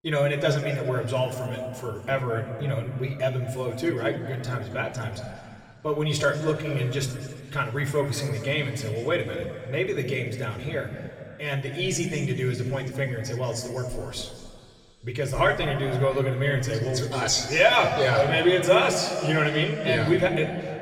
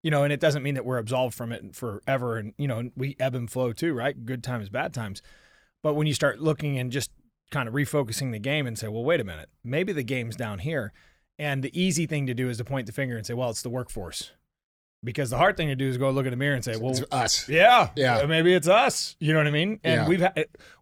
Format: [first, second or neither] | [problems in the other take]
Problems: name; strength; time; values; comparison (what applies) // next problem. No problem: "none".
second | room echo; noticeable; dies away in 2.4 s // off-mic speech; somewhat distant